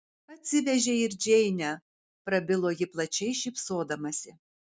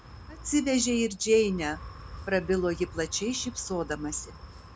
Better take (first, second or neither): first